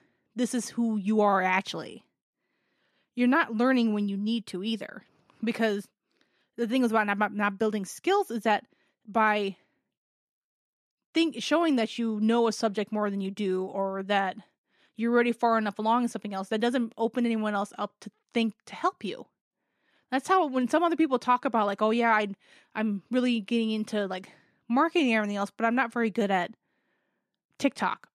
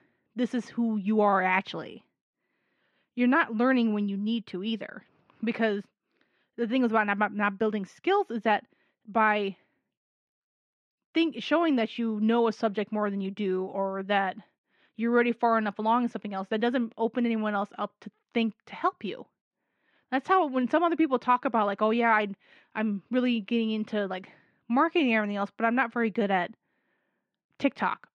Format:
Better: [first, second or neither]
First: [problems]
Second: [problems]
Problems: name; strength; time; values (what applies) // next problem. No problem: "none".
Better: first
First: none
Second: muffled; slightly; fading above 2.5 kHz